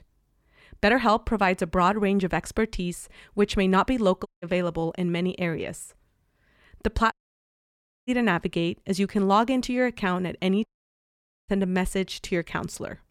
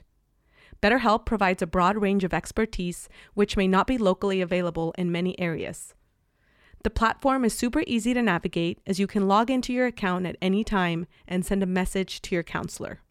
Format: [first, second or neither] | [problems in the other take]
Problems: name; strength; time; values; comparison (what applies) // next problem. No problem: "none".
second | audio cutting out; at 4.5 s, at 7 s for 1 s and at 11 s for 1 s